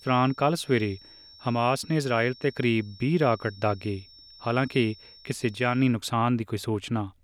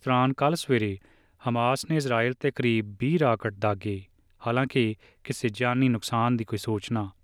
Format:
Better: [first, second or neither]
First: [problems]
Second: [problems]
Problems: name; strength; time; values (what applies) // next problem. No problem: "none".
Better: second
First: high-pitched whine; faint; until 6 s; 5.5 kHz, 20 dB below the speech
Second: none